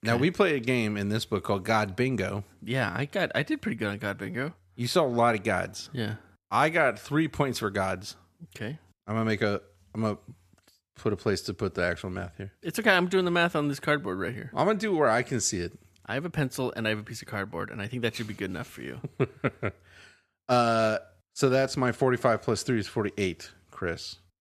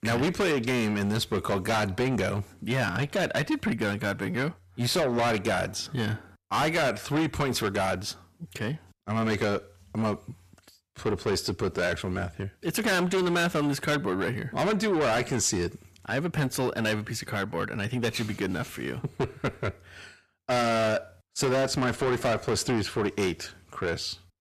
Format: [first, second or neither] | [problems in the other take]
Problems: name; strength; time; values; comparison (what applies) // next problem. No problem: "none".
first | distortion; heavy; 5 dB below the speech